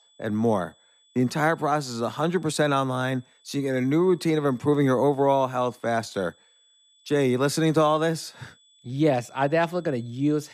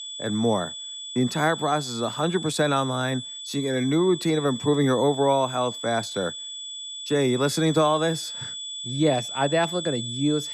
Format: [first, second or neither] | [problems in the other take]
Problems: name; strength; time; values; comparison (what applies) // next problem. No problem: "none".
first | high-pitched whine; loud; throughout; 3.5 kHz, 8 dB below the speech; faint in the first